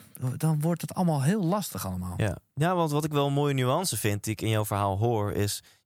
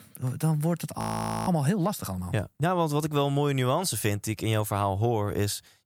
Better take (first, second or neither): first